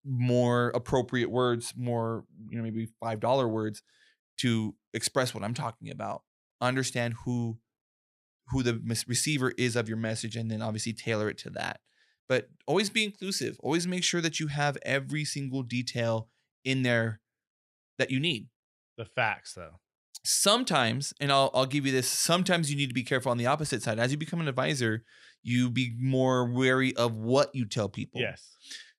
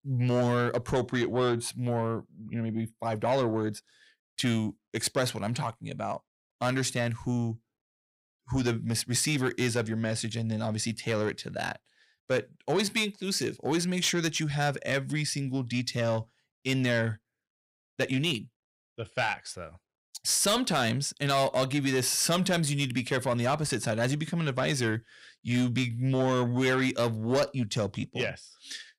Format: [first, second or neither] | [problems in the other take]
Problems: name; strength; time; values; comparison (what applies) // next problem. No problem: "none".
first | distortion; slight; 10 dB below the speech